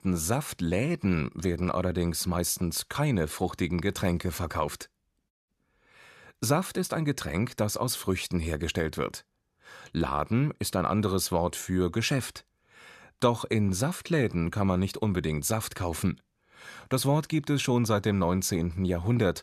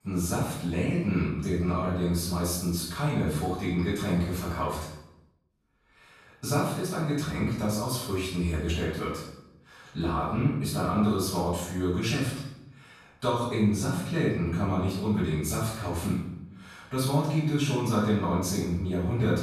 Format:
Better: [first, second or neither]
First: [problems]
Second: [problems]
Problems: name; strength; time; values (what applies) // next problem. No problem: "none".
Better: first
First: none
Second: off-mic speech; far // room echo; noticeable; dies away in 0.7 s